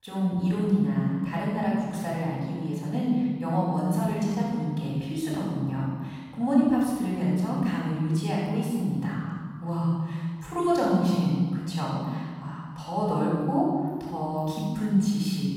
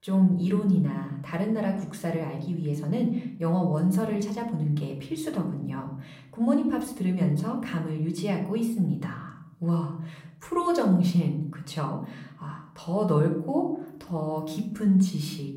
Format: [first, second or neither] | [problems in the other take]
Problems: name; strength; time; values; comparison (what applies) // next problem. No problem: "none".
second | room echo; strong; dies away in 1.8 s; slight in the second // off-mic speech; far; somewhat distant in the second